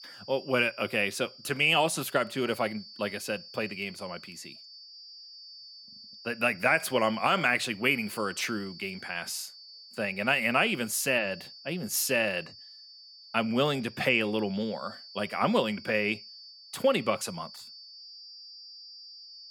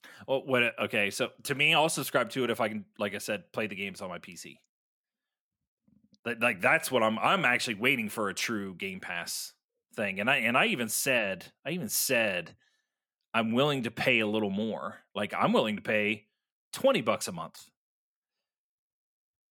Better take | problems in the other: second | high-pitched whine; noticeable; throughout; 4.5 kHz, 20 dB below the speech

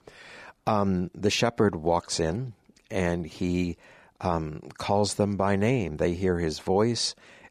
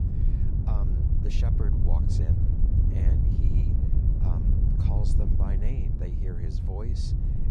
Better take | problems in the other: first | wind noise on the microphone; heavy; 4 dB above the speech

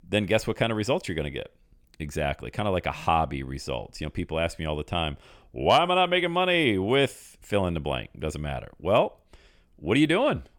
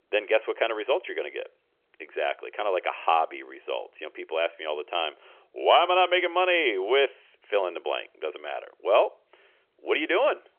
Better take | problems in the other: first | phone-call audio; nothing above 3.5 kHz

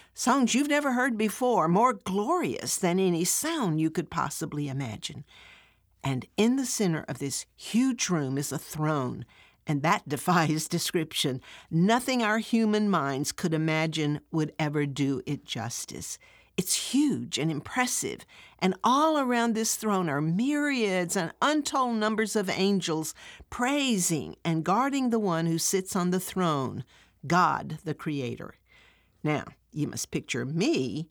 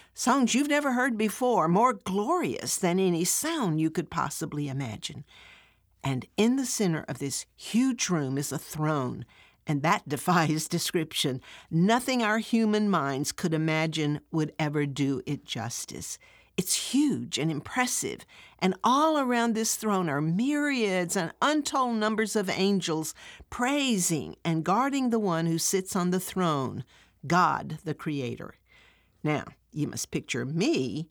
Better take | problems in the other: neither | none

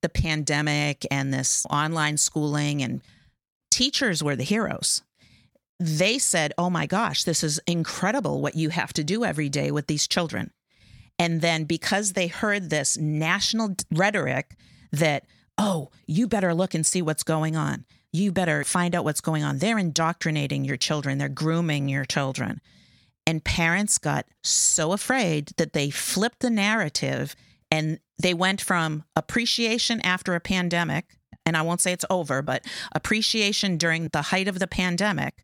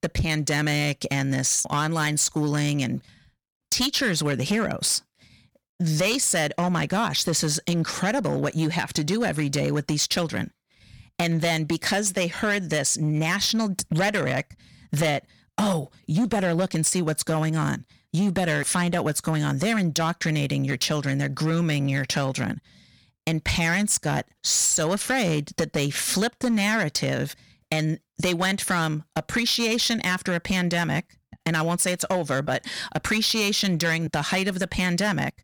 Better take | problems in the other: first | distortion; slight; 8% of the sound clipped

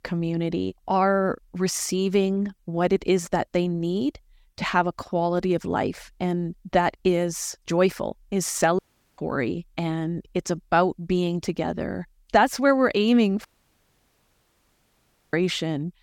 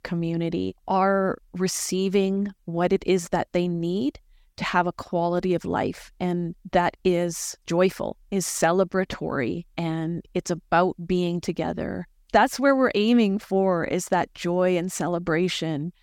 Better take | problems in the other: second | audio cutting out; at 9 s and at 13 s for 2 s

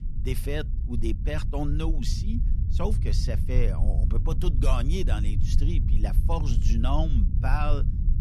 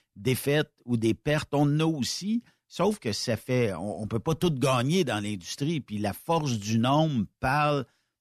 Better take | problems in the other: second | low rumble; loud; throughout; 9 dB below the speech

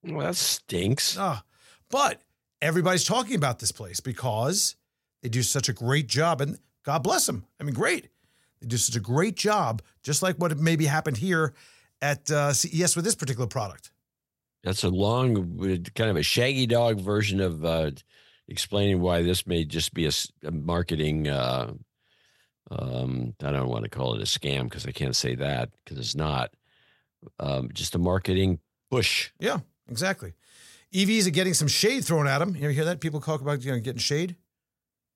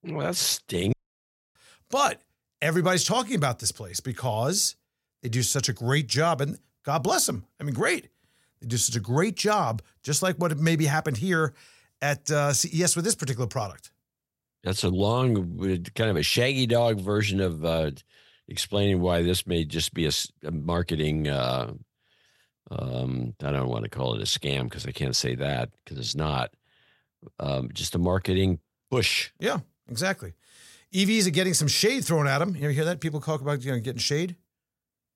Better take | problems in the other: first | audio cutting out; at 1 s for 0.5 s

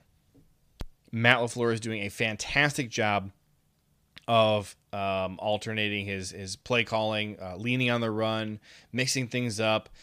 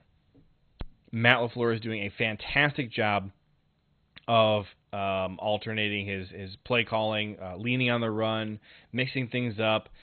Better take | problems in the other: first | garbled, watery; badly; nothing above 3.5 kHz

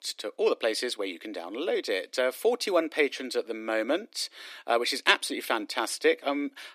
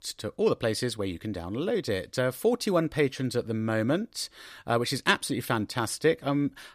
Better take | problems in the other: second | thin; somewhat; fading below 300 Hz

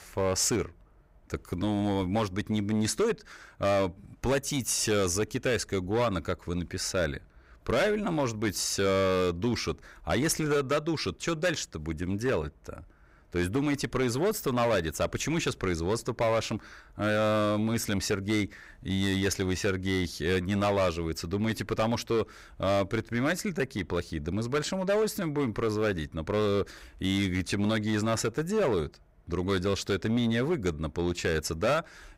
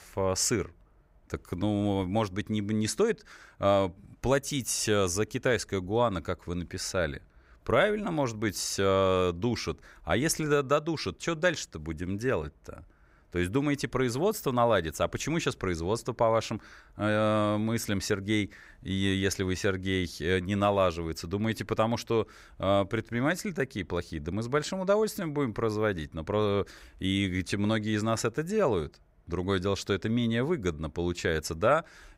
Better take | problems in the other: second | distortion; slight; 9% of the sound clipped

